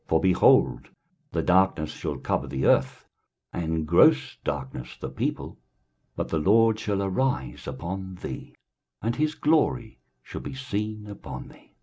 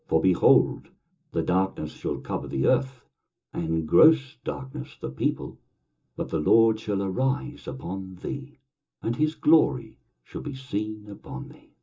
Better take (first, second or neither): first